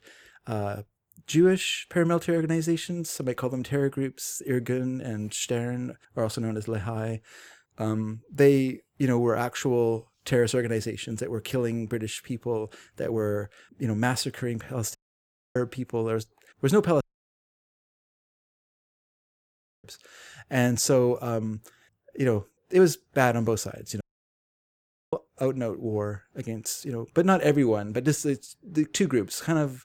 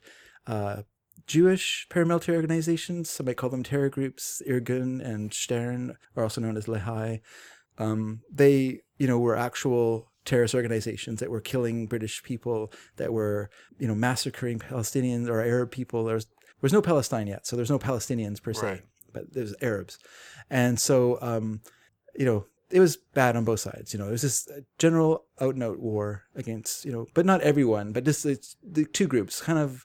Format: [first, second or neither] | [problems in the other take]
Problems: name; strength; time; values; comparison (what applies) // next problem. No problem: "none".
second | audio cutting out; at 15 s for 0.5 s, at 17 s for 3 s and at 24 s for 1 s